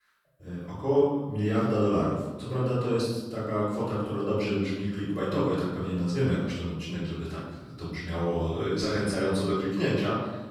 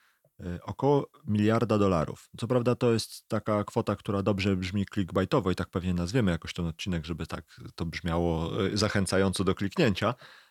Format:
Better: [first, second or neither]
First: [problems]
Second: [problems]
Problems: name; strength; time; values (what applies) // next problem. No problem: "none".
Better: second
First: off-mic speech; far // room echo; noticeable; dies away in 1.1 s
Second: none